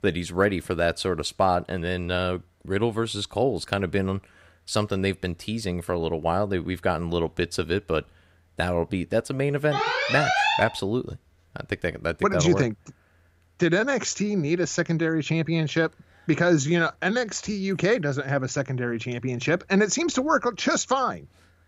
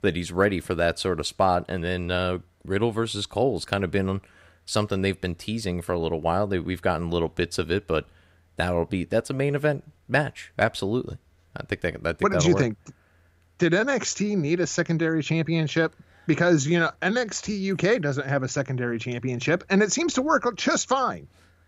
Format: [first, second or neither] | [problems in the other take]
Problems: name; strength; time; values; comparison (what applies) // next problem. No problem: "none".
second | alarm; loud; at 9.5 s; peak 4 dB above the speech